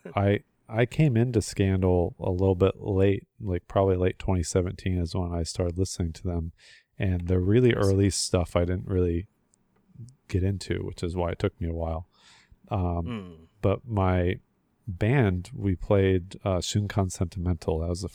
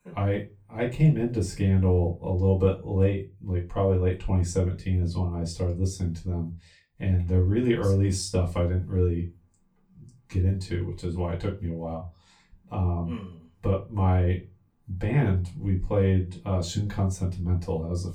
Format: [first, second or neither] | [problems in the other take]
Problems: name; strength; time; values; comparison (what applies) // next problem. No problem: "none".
first | off-mic speech; far // room echo; very slight; dies away in 0.2 s